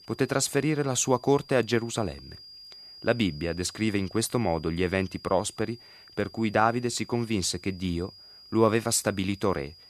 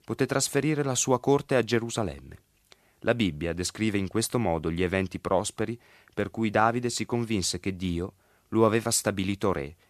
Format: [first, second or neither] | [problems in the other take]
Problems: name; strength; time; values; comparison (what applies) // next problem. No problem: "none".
second | high-pitched whine; faint; throughout; 5 kHz, 20 dB below the speech